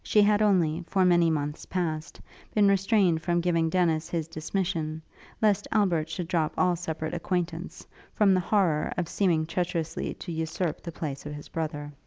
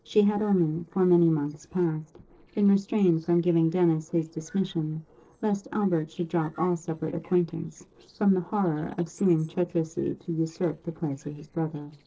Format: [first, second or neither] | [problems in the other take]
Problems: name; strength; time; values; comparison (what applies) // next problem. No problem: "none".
first | noise reduction (neural separator model SepFormer DNS4)